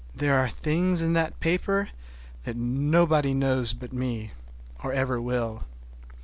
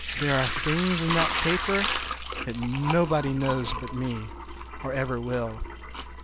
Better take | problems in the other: first | background sound (Sink (filling or washing) / Liquid); 4 dB below the speech

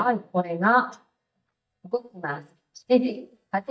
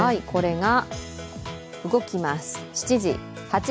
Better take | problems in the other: second | noise reduction (neural mask model DeepFilterNet 3)

